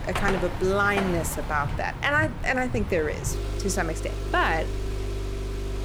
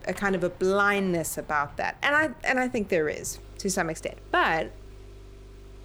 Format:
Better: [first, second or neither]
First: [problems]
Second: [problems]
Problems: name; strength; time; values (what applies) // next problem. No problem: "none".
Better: second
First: traffic noise; loud; throughout; 6 dB below the speech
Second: traffic noise; faint; throughout; 20 dB below the speech